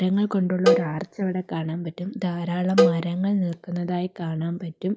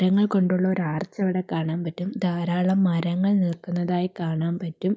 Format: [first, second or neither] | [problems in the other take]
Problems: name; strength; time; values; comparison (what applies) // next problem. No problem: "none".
second | background sound (Cowbell); 2 dB below the speech